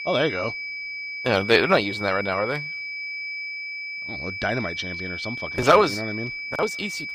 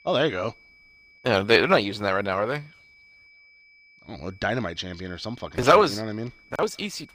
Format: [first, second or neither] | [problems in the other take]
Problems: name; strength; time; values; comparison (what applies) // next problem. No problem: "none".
second | high-pitched whine; loud; throughout; 2.5 kHz, 6 dB below the speech; faint in the second